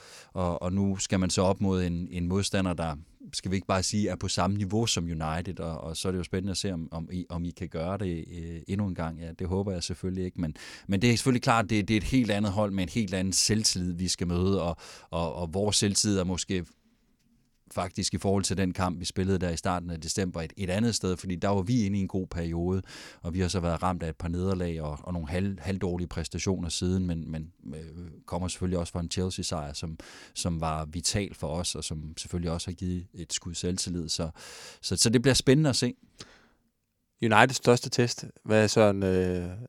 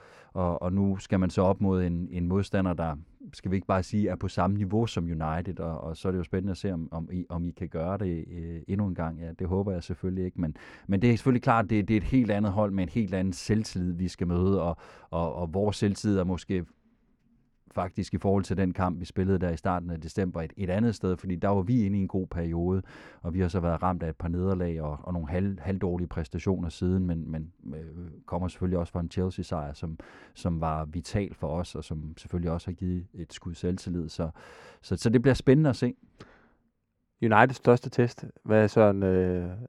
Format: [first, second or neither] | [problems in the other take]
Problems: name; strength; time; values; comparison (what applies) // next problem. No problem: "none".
first | muffled; very; fading above 3 kHz